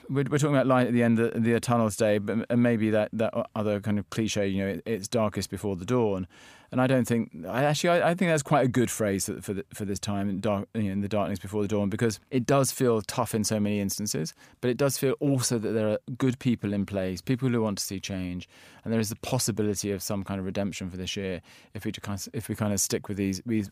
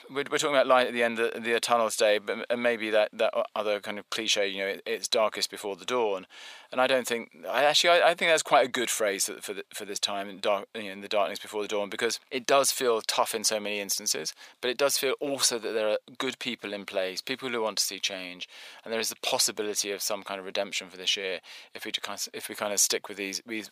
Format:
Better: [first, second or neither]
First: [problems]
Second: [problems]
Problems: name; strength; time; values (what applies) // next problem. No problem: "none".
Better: first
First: none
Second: thin; very; fading below 600 Hz